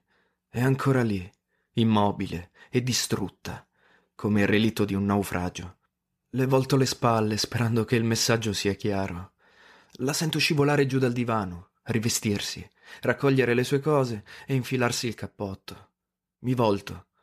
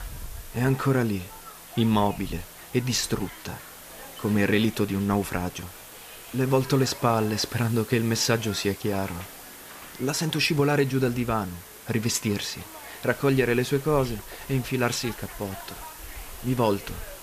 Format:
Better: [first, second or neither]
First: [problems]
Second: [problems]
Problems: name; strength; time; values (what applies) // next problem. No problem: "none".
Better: first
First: none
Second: hiss; noticeable; throughout; 15 dB below the speech